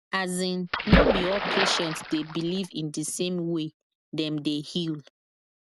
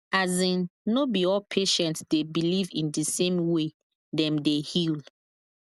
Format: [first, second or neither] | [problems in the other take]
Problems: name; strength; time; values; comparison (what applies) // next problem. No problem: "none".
second | background sound (Splash, splatter); 4 dB above the speech